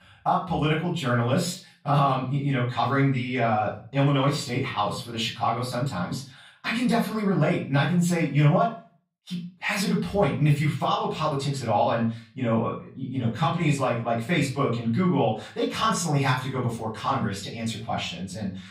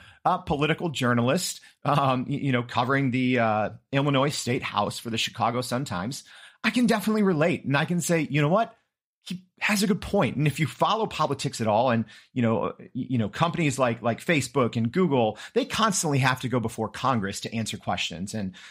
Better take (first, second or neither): second